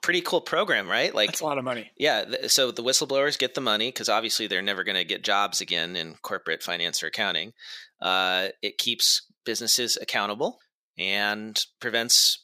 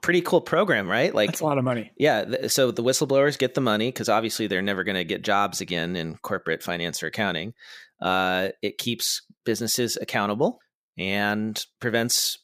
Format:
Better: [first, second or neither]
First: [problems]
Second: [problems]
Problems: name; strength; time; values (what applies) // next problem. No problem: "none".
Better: second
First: thin; very slightly; fading below 500 Hz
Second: none